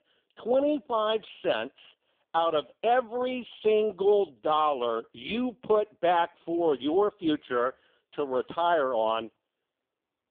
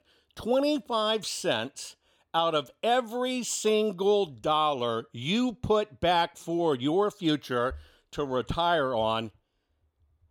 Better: second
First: phone-call audio; poor line; nothing above 3.5 kHz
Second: none

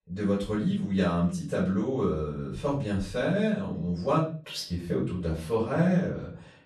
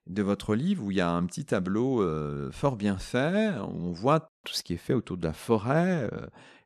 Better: second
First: room echo; slight; dies away in 0.4 s // off-mic speech; far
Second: none

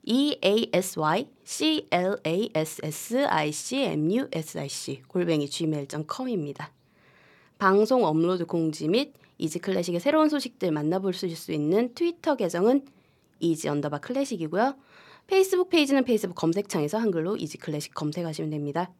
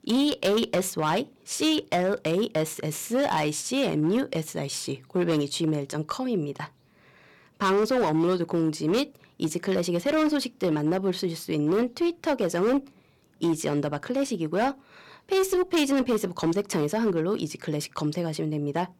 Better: first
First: none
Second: distortion; slight; 10% of the sound clipped

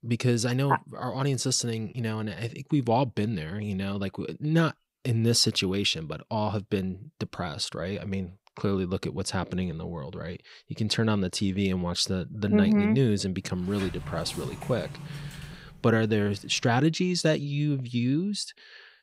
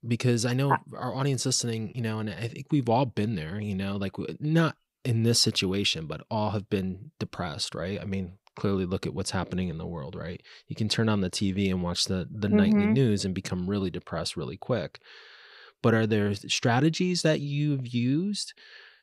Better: second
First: door banging; faint; from 14 to 17 s; peak 10 dB below the speech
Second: none

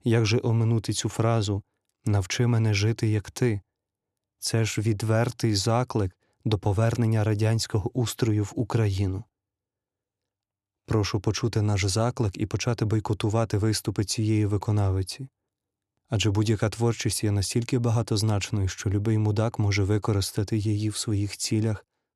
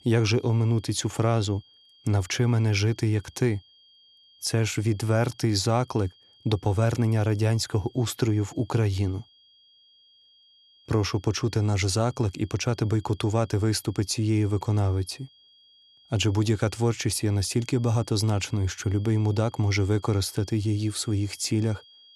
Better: first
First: none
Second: high-pitched whine; faint; throughout; 3.5 kHz, 30 dB below the speech

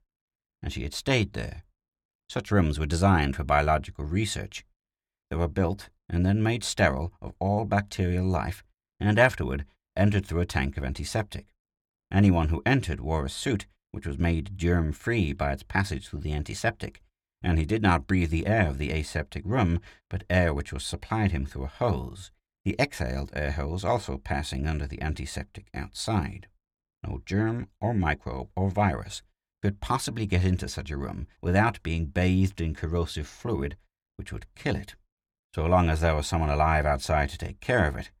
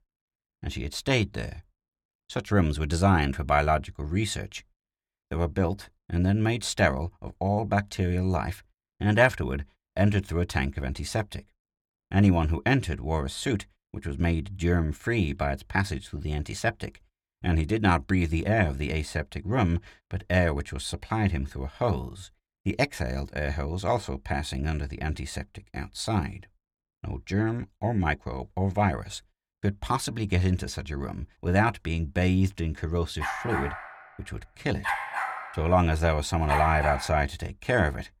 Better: first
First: none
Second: dog barking; noticeable; from 33 to 37 s; peak 1 dB below the speech

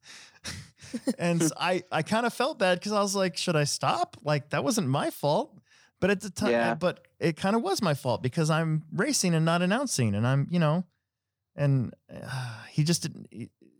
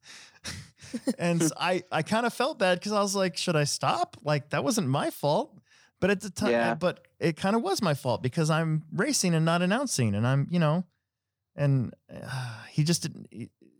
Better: neither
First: none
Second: none

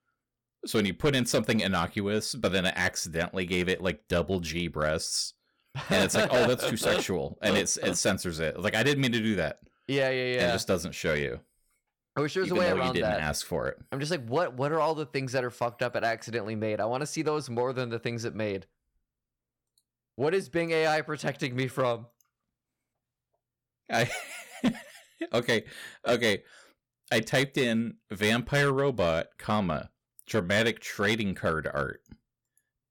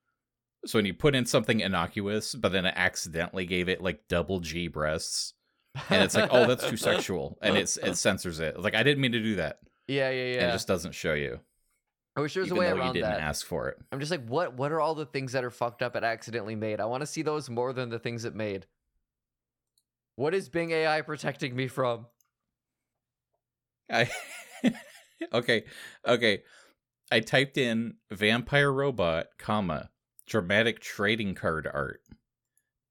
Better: second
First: distortion; slight; 3% of the sound clipped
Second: none

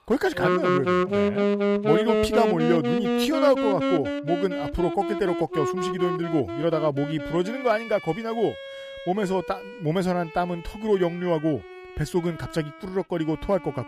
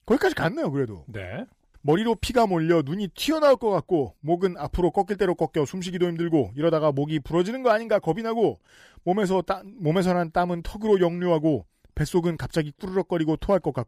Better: second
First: background music; very loud; throughout; as loud as the speech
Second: none

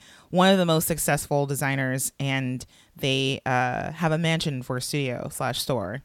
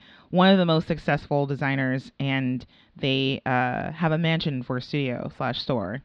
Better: first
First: none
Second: muffled; slightly; fading above 4 kHz

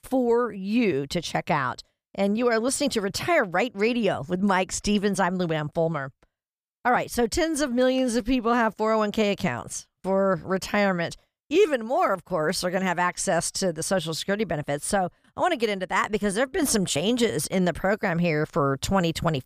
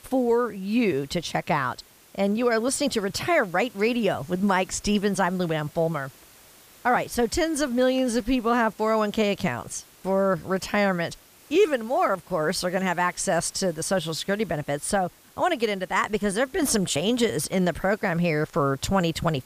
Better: first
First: none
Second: hiss; faint; throughout; 25 dB below the speech

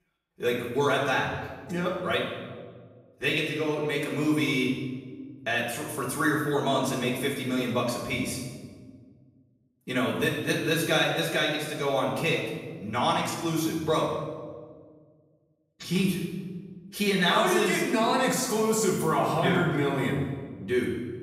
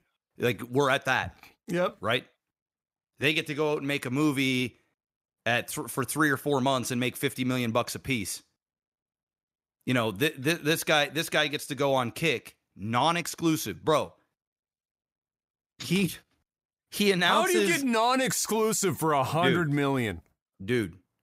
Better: second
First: off-mic speech; far // room echo; noticeable; dies away in 1.2 s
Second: none

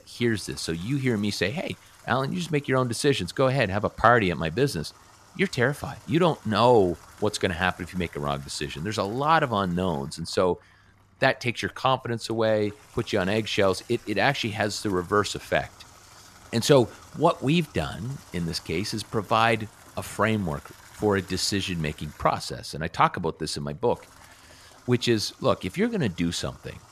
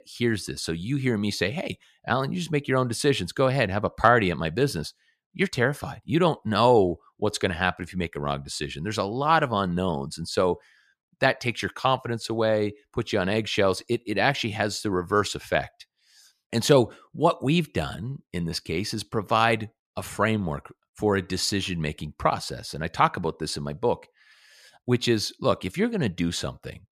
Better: second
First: household noises; faint; throughout; 25 dB below the speech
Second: none

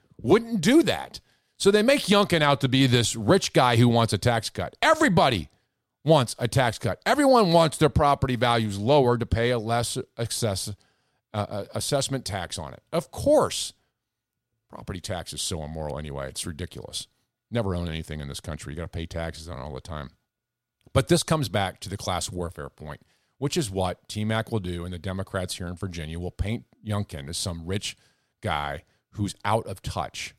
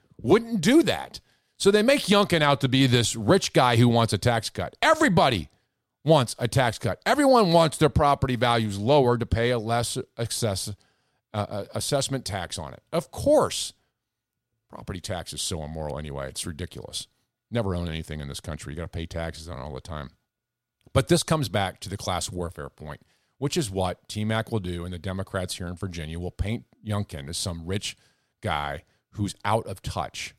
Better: neither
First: none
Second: none

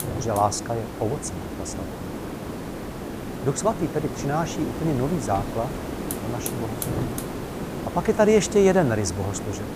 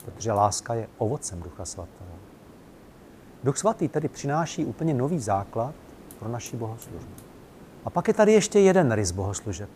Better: second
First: hiss; loud; throughout; 7 dB below the speech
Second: hiss; faint; throughout; 25 dB below the speech

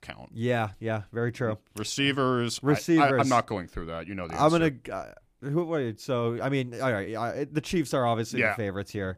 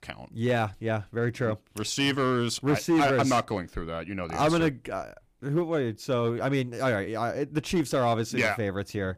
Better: first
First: none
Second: distortion; slight; 4% of the sound clipped

